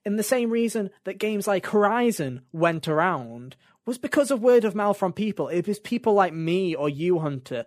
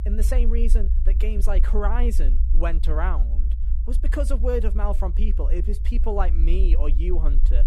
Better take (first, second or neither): first